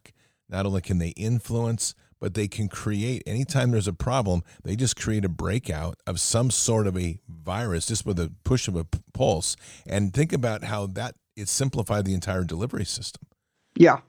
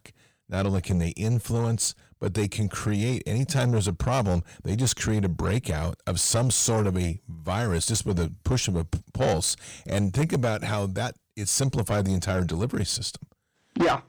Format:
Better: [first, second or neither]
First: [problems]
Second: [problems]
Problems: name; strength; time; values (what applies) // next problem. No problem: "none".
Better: first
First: none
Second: distortion; heavy; 8 dB below the speech